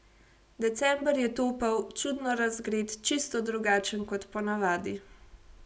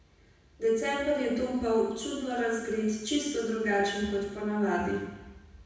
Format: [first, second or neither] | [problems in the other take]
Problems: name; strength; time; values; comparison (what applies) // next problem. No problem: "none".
first | room echo; dies away in 1.1 s